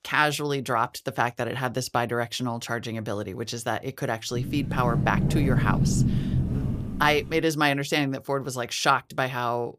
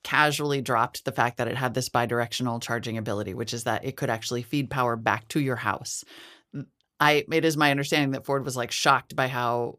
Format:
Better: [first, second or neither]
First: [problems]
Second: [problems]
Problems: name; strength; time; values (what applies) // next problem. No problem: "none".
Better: second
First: door banging; loud; from 4.5 to 7.5 s; peak 3 dB above the speech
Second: none